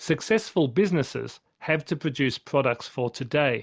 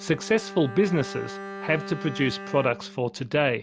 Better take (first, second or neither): first